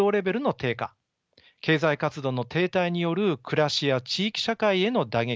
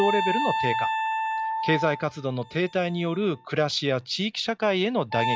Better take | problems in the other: first | noise reduction (classical method log-MMSE)

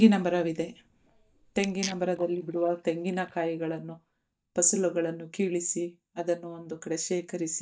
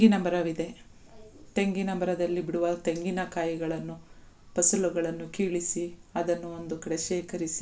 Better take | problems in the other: second | noise reduction (neural mask model DeepFilterNet 3)

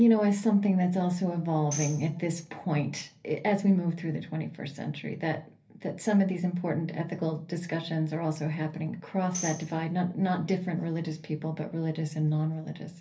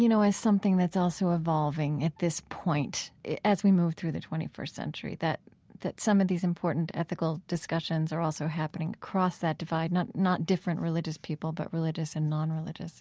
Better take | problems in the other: second | background sound (Tambourine); 13 dB below the speech // room echo; dies away in 0.3 s

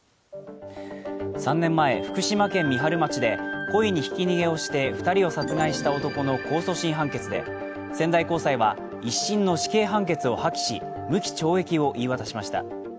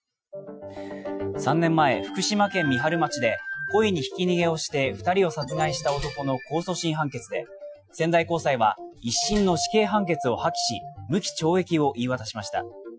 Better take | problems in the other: first | noise reduction (classical method Wiener filter)

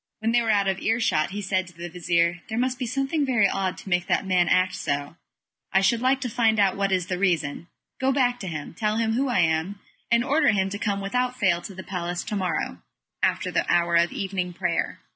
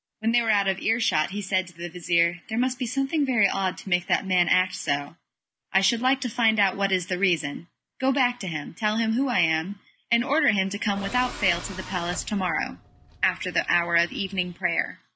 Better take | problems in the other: first | background sound (Tools); 15 dB below the speech

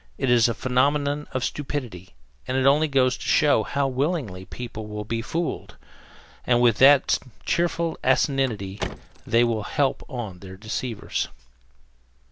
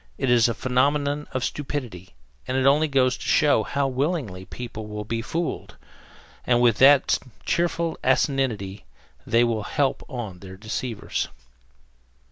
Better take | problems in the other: second | background sound (Car); 15 dB below the speech

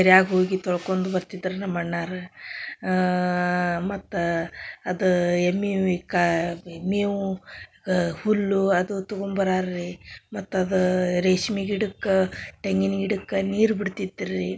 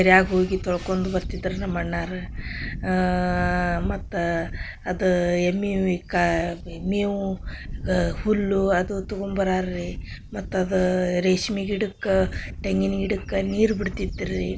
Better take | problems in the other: first | background sound (Wind / Bird); 10 dB below the speech

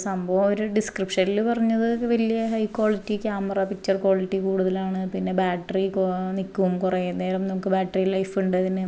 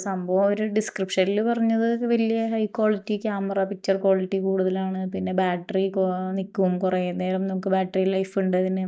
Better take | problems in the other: first | noise reduction (neural mask model DeepFilterNet 3)

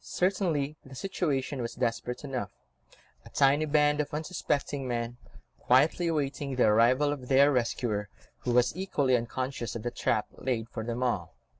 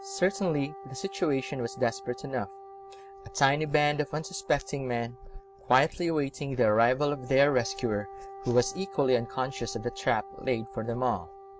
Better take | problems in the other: first | background sound (Wind instrument, woodwind instrument); 17 dB below the speech

